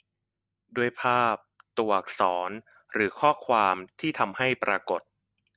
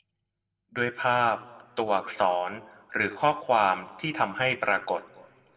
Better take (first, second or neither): first